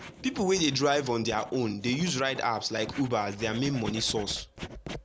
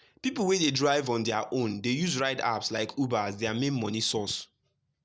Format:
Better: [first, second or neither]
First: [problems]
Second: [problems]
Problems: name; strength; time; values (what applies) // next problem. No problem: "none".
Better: second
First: background sound (Writing); 14 dB below the speech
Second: none